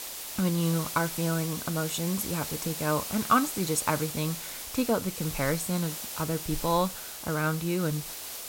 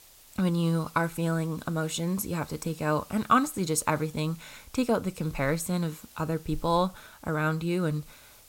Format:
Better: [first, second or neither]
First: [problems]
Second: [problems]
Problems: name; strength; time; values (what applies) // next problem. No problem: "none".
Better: second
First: hiss; loud; throughout; 6 dB below the speech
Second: hiss; faint; throughout; 25 dB below the speech